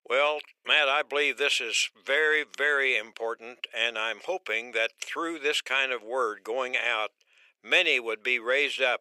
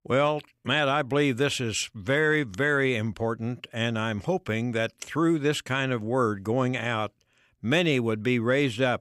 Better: second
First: thin; very; fading below 450 Hz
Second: none

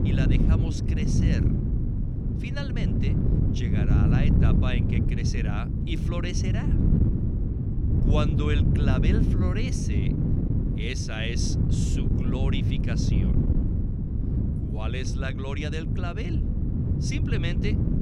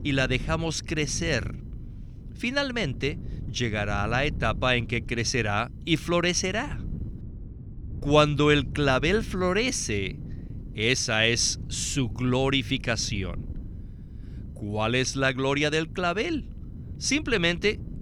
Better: second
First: wind noise on the microphone; heavy; as loud as the speech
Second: wind noise on the microphone; occasional gusts; 25 dB below the speech

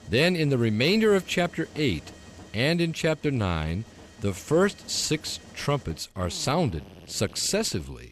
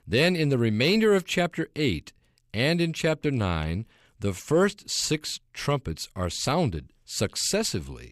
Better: second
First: machinery noise; faint; throughout; 20 dB below the speech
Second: none

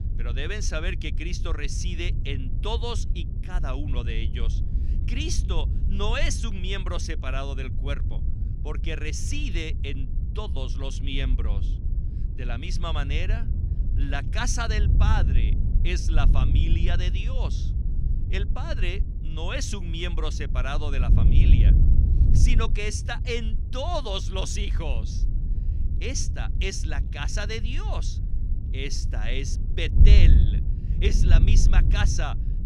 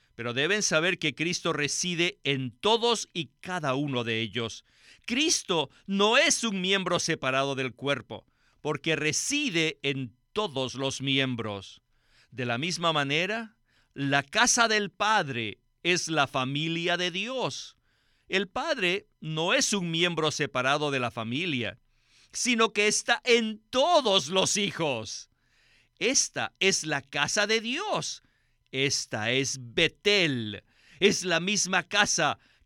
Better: second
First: wind noise on the microphone; heavy; 10 dB below the speech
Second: none

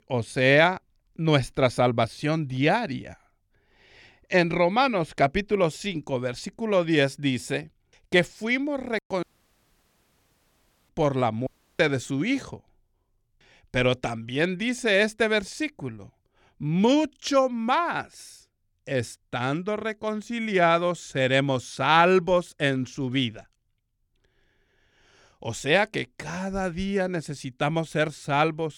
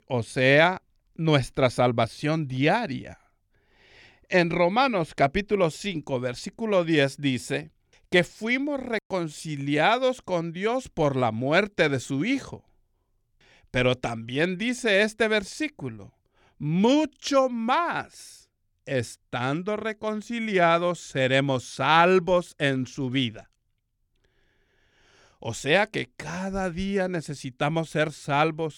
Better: second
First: audio cutting out; at 9 s for 1.5 s and at 11 s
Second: none

